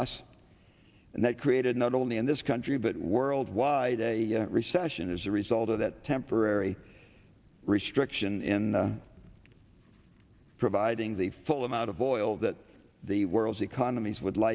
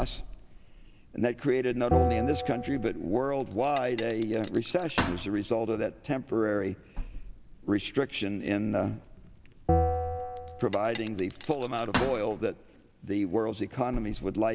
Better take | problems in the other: first | background sound (Bell + Bell); 5 dB below the speech

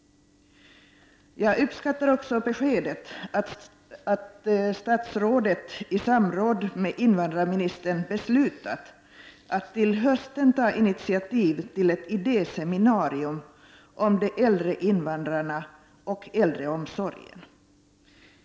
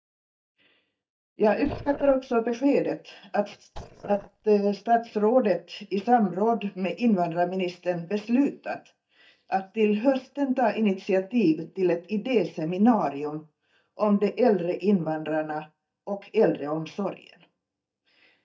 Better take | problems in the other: first | noise reduction (neural mask model DeepFilterNet 3)

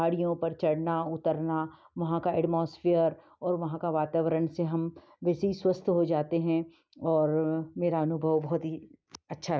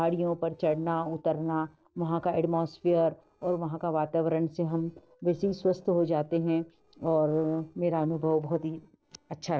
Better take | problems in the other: first | noise reduction (neural separator model SepFormer DNS4)

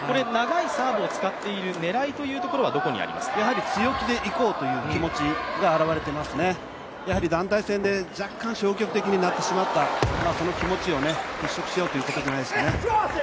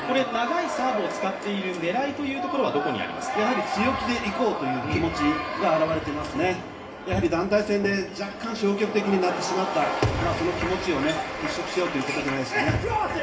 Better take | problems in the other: first | room echo; dies away in 0.5 s

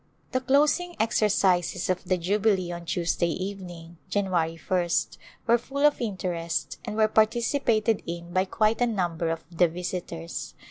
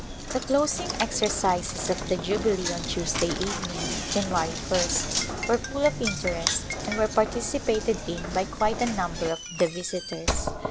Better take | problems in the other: first | background sound (Knock); 4 dB below the speech

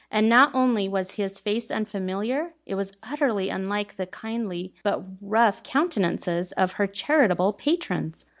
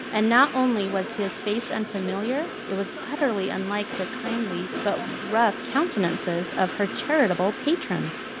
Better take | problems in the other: first | background sound (Train); 8 dB below the speech

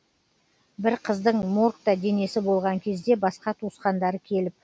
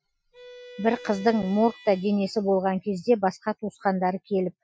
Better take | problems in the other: first | noise reduction (classical method Wiener filter)

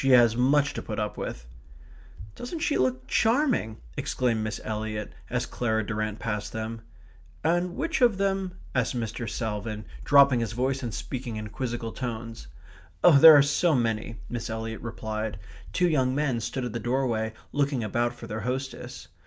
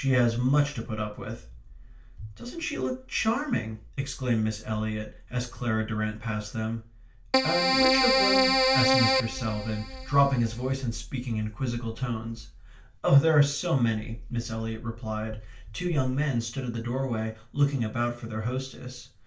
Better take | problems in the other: first | background sound (Keyboard (musical)); 3 dB above the speech // room echo; dies away in 0.3 s

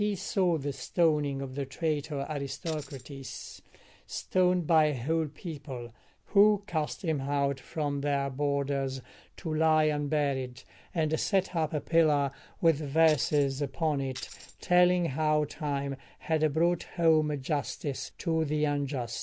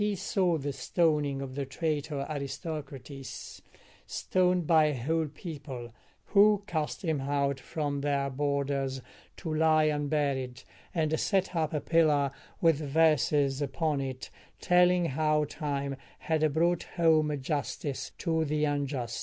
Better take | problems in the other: second | background sound (Tambourine); 17 dB below the speech

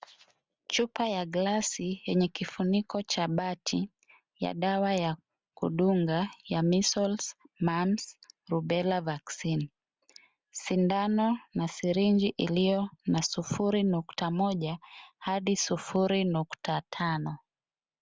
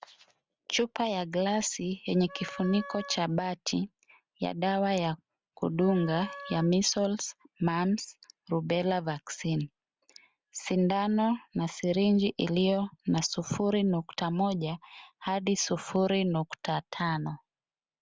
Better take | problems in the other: first | background sound (Wind instrument, woodwind instrument); 16 dB below the speech

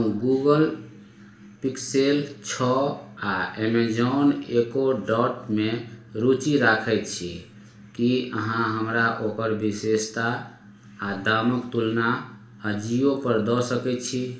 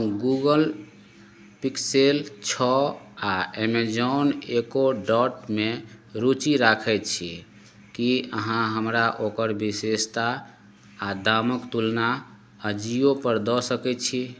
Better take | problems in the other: second | room echo; dies away in 0.5 s

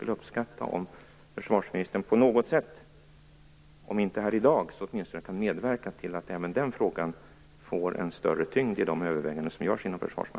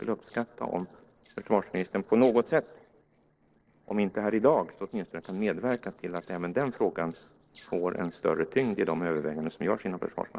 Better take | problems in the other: first | noise reduction (neural separator model SepFormer DNS4)

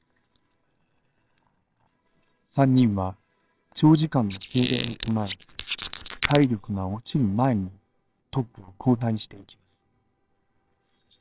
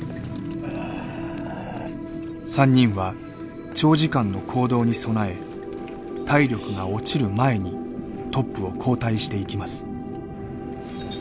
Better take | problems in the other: second | noise reduction (neural separator model SepFormer WHAMR!)

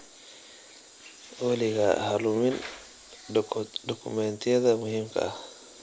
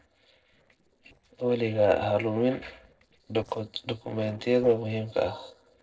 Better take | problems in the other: first | noise reduction (neural separator model SepFormer DNS4)

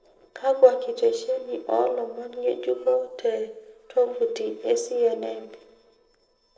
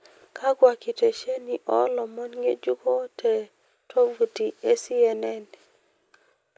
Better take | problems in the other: second | noise reduction (neural separator model SepFormer DNS4)

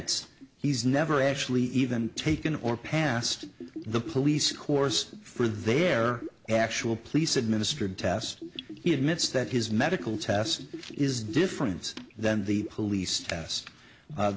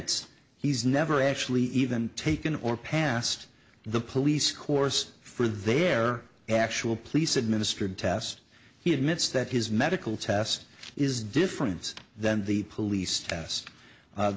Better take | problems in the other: second | background sound (Bathtub (filling or washing) / Gurgling); 16 dB below the speech

